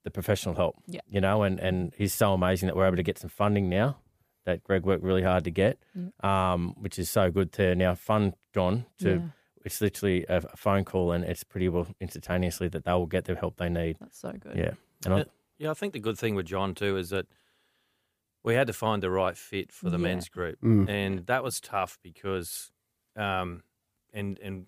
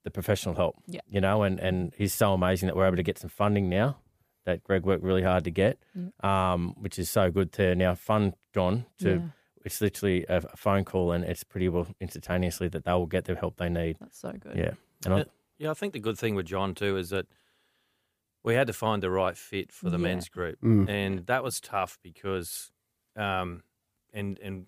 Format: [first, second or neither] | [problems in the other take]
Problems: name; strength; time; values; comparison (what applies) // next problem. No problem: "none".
neither | none